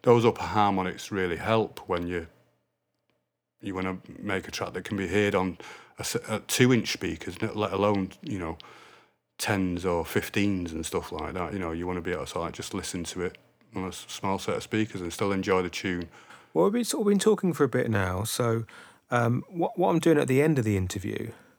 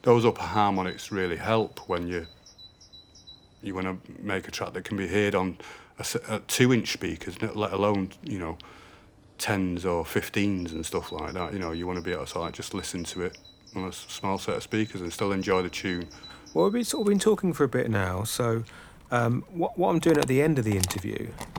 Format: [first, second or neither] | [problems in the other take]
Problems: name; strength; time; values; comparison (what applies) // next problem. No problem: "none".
first | animal sounds; noticeable; throughout; 15 dB below the speech